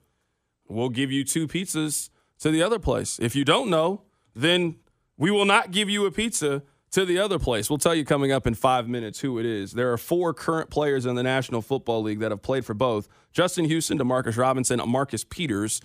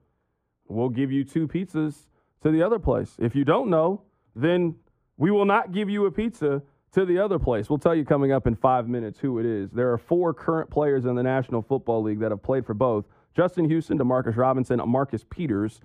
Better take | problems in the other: first | muffled; very; fading above 2.5 kHz

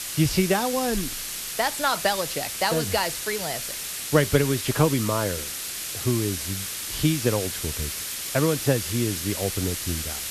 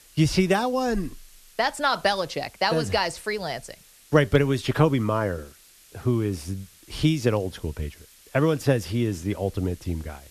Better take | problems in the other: second | hiss; loud; throughout; 4 dB below the speech; faint in the second

